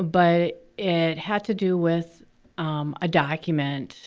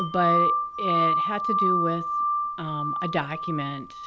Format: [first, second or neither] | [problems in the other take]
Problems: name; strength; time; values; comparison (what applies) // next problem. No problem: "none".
first | background sound (Wind chime); 4 dB above the speech